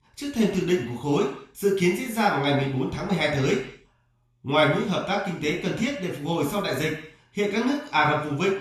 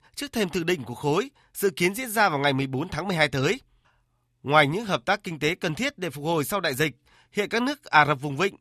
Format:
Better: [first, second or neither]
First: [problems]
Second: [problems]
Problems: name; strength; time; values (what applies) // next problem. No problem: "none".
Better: second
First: room echo; noticeable; dies away in 0.6 s // off-mic speech; somewhat distant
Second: none